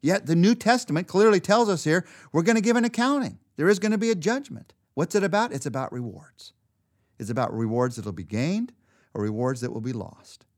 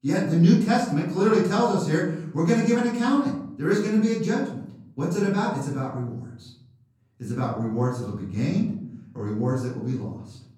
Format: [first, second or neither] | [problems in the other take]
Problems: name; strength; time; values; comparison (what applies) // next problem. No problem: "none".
first | off-mic speech; far // room echo; noticeable; dies away in 0.9 s